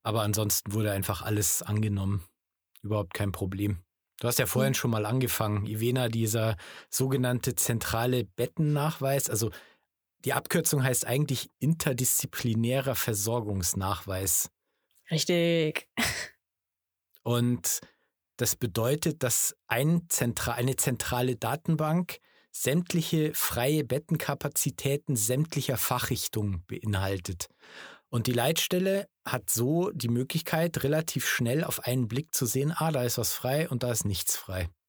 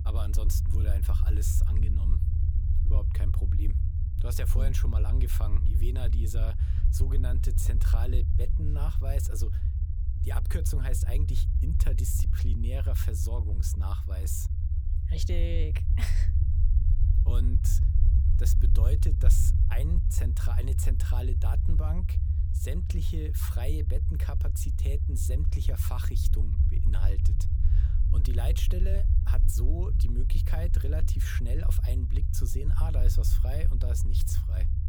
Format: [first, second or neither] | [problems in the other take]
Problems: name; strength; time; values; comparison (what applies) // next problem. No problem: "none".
first | low rumble; loud; throughout; 3 dB below the speech